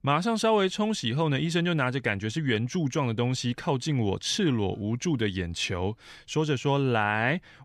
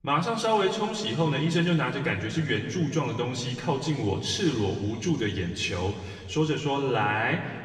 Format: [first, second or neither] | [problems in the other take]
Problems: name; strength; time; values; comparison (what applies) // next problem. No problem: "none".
first | room echo; noticeable; dies away in 2 s // off-mic speech; somewhat distant